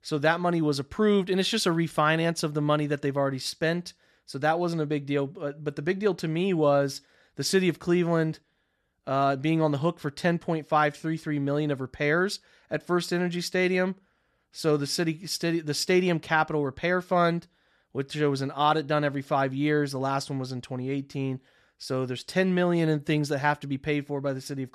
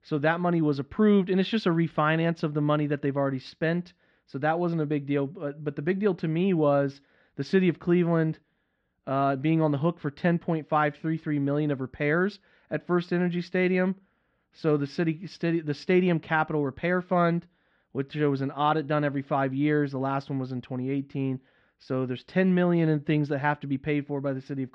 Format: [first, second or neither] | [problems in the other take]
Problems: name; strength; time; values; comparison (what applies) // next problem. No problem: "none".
first | muffled; slightly; fading above 3 kHz